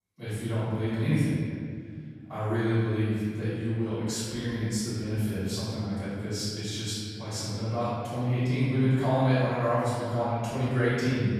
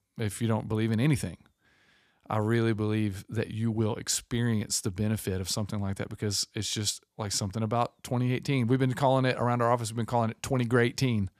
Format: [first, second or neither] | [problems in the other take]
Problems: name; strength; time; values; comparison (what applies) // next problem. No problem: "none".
second | off-mic speech; far // room echo; strong; dies away in 1.9 s